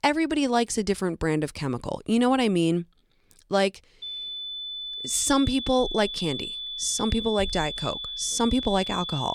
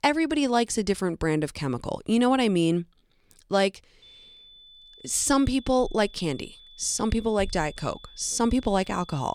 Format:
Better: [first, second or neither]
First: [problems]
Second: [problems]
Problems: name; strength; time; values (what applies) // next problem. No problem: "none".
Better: second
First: high-pitched whine; loud; from 4 s on; 3.5 kHz, 6 dB below the speech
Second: high-pitched whine; faint; from 4 s on; 3.5 kHz, 25 dB below the speech